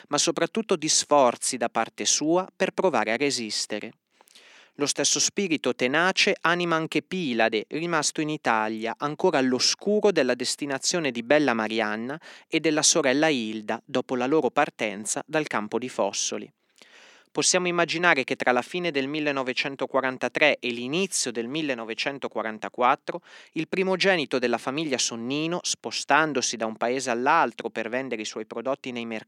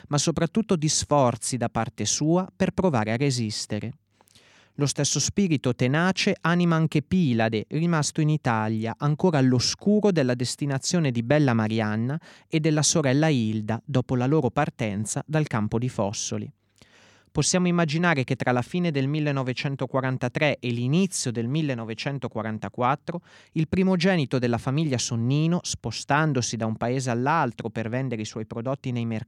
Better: second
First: thin; somewhat; fading below 300 Hz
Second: none

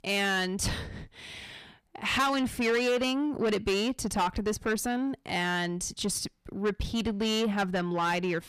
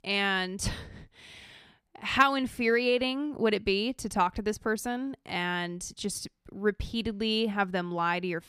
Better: second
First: distortion; heavy; 7 dB below the speech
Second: none

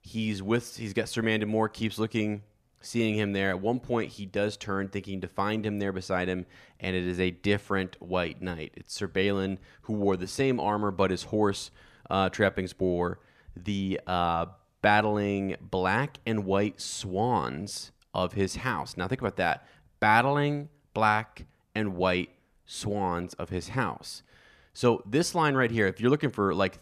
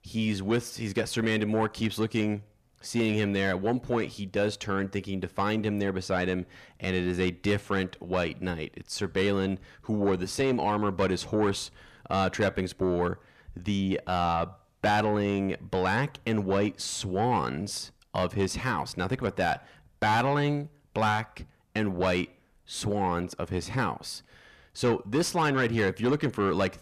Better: first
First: none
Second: distortion; slight; 10 dB below the speech

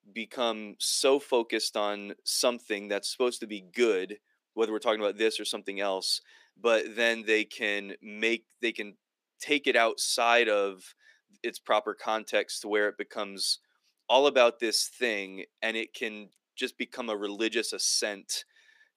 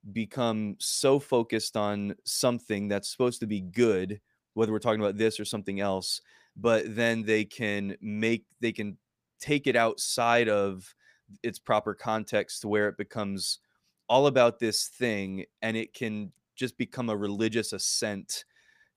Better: second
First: thin; somewhat; fading below 300 Hz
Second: none

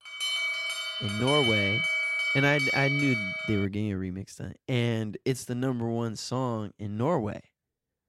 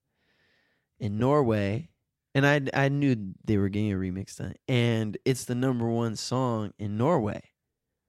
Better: second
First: alarm; loud; until 3.5 s; peak 5 dB above the speech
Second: none

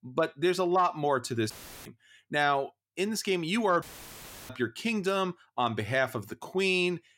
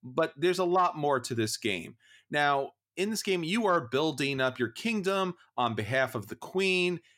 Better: second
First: audio cutting out; filled with static; at 1.5 s and at 4 s for 0.5 s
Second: none

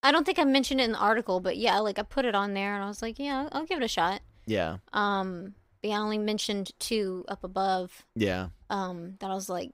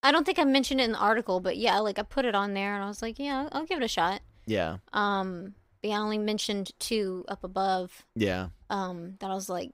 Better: neither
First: none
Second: none

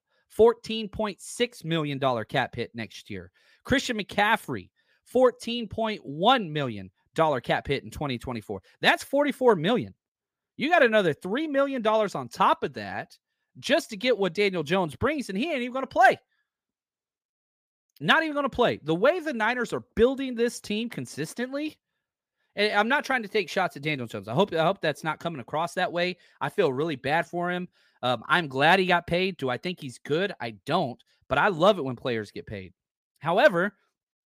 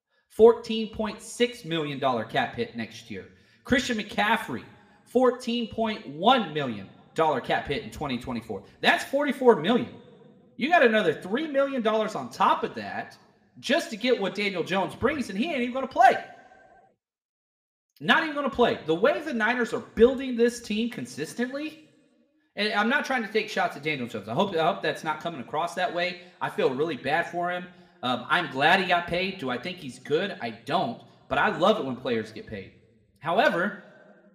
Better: first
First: none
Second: room echo; very slight; dies away in 0.8 s

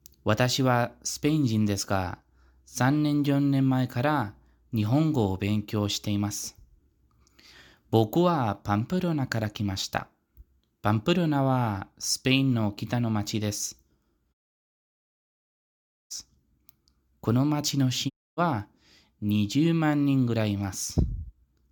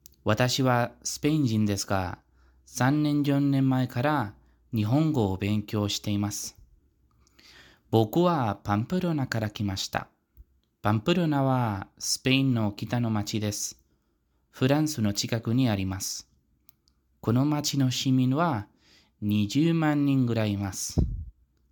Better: second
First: audio cutting out; at 14 s for 2 s and at 18 s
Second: none

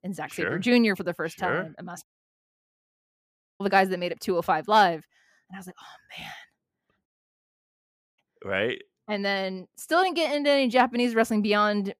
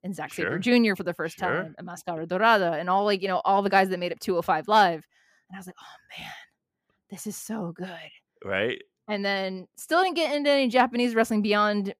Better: second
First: audio cutting out; at 2 s for 1.5 s and at 7 s for 1 s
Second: none

